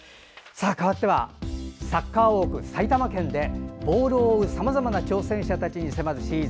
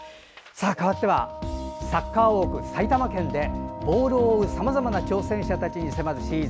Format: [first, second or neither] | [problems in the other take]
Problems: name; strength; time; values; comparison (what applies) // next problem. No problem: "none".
first | background sound (Wind instrument, woodwind instrument); 13 dB below the speech